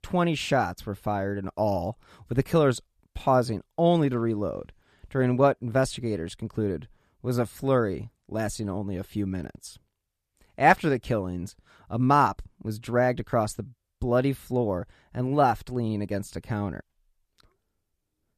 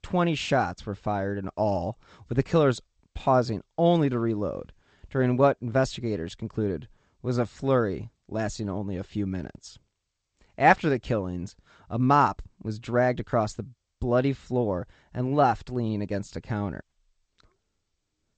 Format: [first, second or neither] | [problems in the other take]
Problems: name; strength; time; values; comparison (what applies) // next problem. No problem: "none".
first | garbled, watery; slightly; nothing above 8 kHz